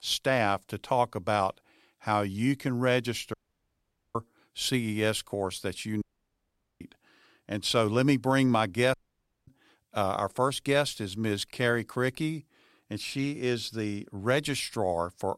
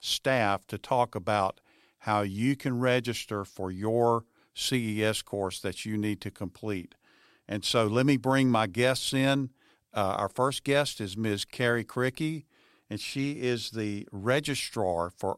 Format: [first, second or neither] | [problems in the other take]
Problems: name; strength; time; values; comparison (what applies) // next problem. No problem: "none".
second | audio cutting out; at 3.5 s for 1 s, at 6 s for 1 s and at 9 s for 0.5 s